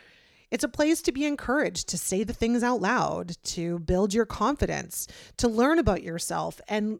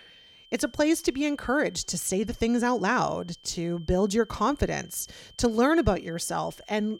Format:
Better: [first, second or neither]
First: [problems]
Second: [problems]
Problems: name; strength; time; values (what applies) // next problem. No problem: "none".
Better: first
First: none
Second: high-pitched whine; faint; throughout; 3 kHz, 25 dB below the speech